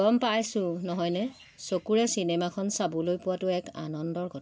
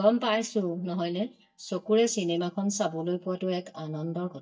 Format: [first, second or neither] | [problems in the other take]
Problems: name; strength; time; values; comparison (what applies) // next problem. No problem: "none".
first | noise reduction (neural mask model DeepFilterNet 3)